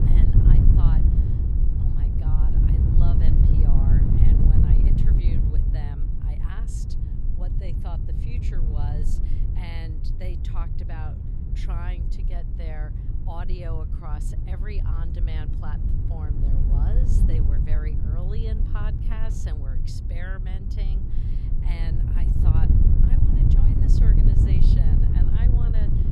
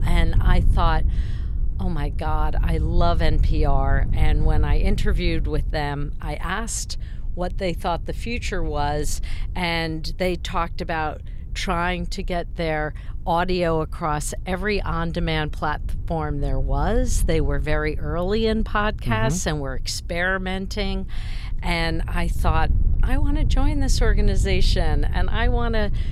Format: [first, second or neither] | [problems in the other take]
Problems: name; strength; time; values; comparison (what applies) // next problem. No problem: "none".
second | wind noise on the microphone; heavy; 4 dB above the speech; occasional gusts in the second